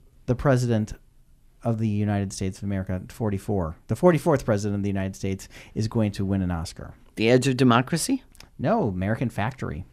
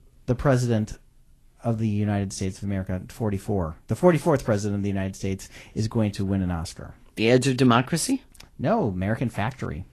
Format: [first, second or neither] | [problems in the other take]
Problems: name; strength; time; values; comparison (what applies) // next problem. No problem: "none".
first | garbled, watery; slightly; nothing above 12 kHz